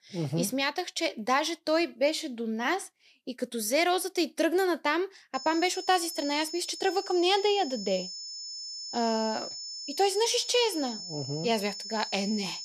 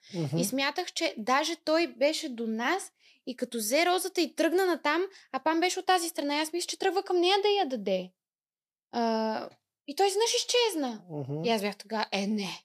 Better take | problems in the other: second | high-pitched whine; loud; from 5.5 s on; 5.5 kHz, 9 dB below the speech

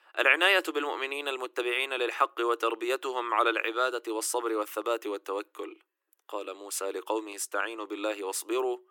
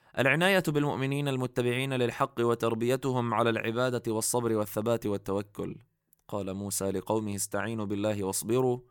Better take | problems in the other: second | thin; very; fading below 300 Hz

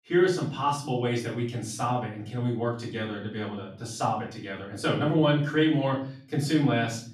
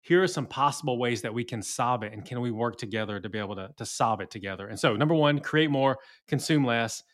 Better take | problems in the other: second | off-mic speech; far // room echo; slight; dies away in 0.5 s

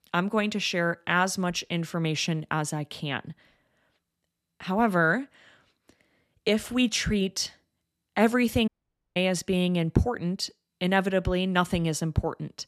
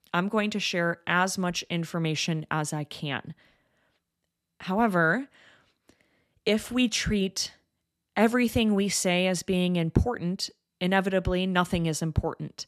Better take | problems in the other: second | audio cutting out; at 8.5 s

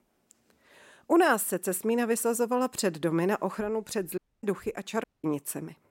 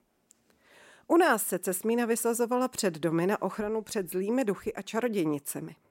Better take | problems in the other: second | audio cutting out; at 4 s and at 5 s

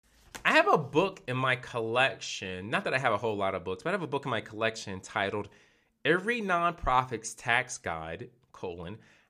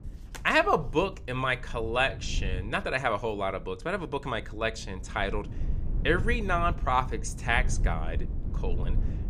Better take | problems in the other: first | low rumble; faint; throughout; 20 dB below the speech

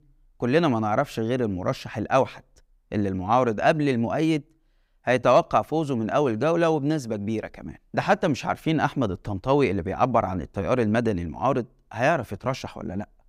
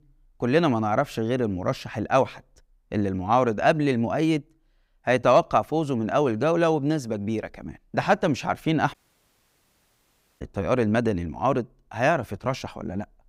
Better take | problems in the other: first | audio cutting out; at 9 s for 1.5 s

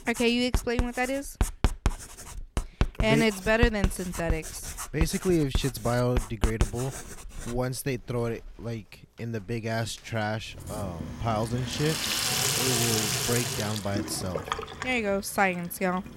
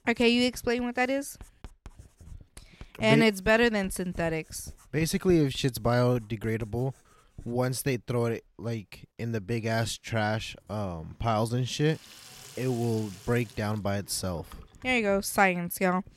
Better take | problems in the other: second | household noises; loud; throughout; 2 dB below the speech; faint in the second

